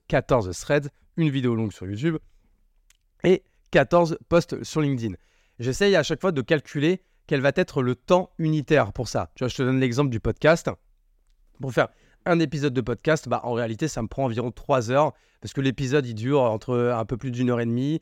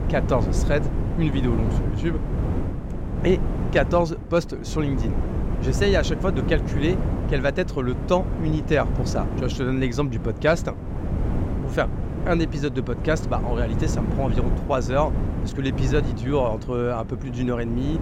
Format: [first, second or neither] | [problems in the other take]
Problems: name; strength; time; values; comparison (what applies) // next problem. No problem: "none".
first | wind noise on the microphone; heavy; 9 dB below the speech